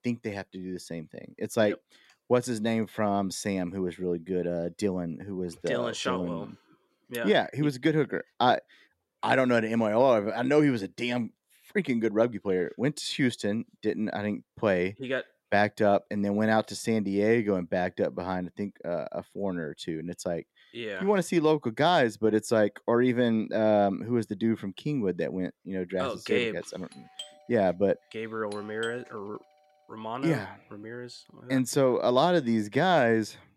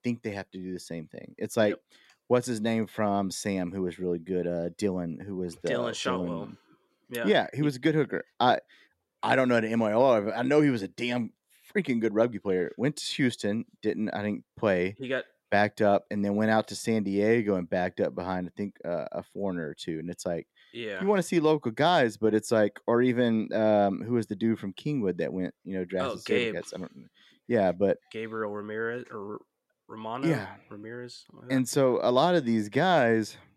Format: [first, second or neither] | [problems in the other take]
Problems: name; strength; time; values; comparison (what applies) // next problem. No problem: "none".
second | doorbell; faint; from 27 to 29 s; peak 15 dB below the speech